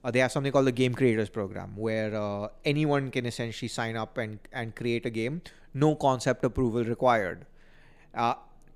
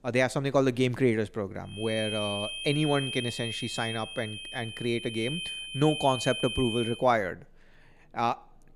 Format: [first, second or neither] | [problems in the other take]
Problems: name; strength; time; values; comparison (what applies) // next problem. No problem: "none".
first | high-pitched whine; loud; from 2 to 7 s; 3 kHz, 6 dB below the speech